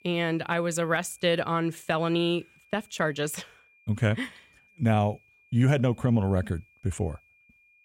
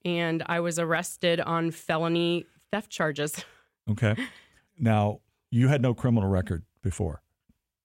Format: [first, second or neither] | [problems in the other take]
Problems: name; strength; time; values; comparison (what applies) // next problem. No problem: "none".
second | high-pitched whine; faint; throughout; 2.5 kHz, 30 dB below the speech